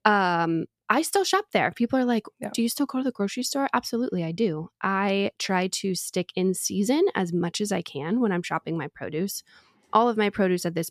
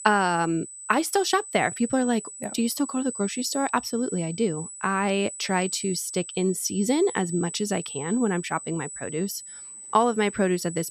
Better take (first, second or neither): first